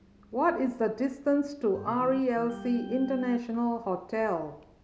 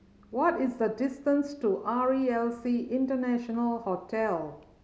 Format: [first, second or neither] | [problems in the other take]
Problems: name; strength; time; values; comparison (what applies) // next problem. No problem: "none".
second | background sound (Organ); 16 dB below the speech